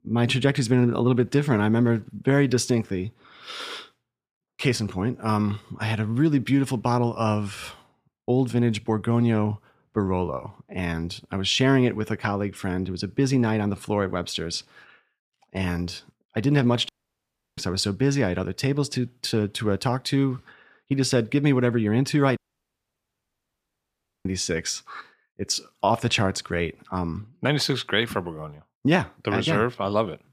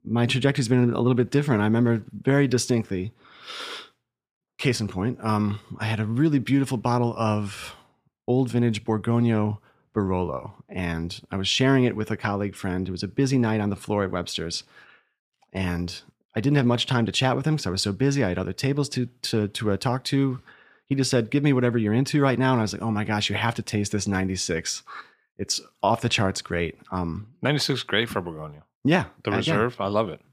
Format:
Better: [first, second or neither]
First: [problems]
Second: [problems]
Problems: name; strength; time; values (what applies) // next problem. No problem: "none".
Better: second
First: audio cutting out; at 17 s for 0.5 s and at 22 s for 2 s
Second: none